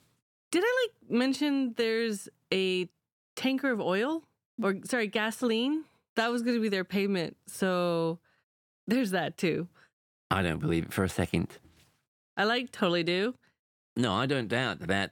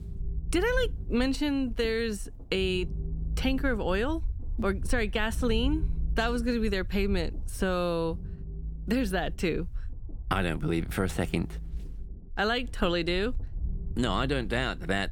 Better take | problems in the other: first | low rumble; faint; throughout; 25 dB below the speech

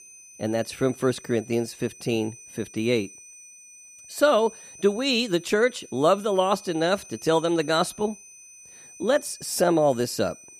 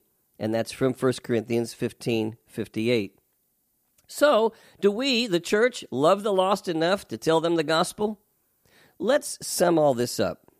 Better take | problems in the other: second | high-pitched whine; noticeable; throughout; 6 kHz, 20 dB below the speech

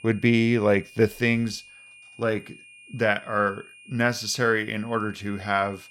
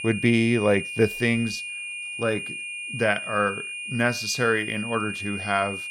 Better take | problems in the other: first | high-pitched whine; loud; throughout; 2.5 kHz, 7 dB below the speech; faint in the first

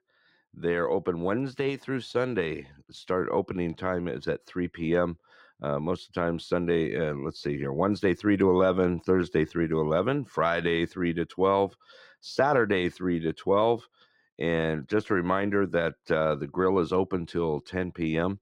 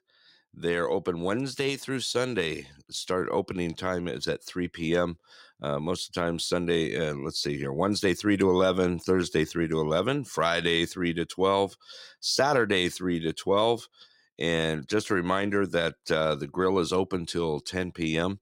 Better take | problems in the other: second | muffled; slightly; fading above 3.5 kHz

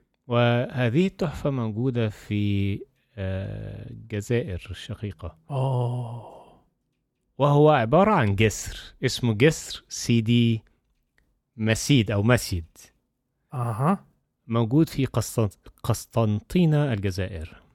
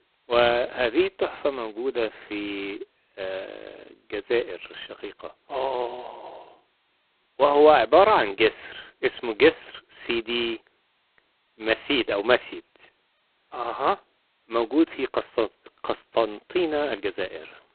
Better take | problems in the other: first | phone-call audio; poor line; nothing above 4 kHz

